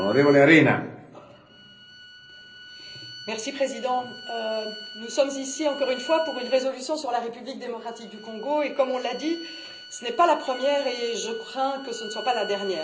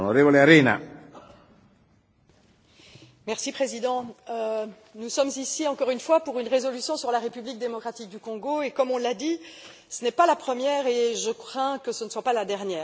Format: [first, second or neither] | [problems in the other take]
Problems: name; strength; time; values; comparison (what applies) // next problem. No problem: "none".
second | background sound (Bowed string instrument); 16 dB below the speech // room echo; dies away in 0.5 s